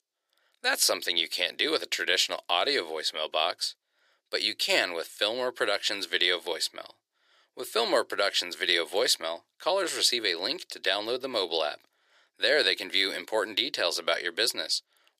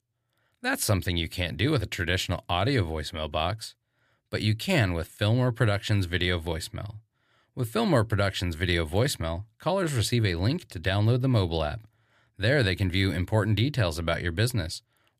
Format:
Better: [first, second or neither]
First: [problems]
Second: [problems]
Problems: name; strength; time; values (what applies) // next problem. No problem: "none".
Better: second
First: thin; very; fading below 400 Hz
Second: none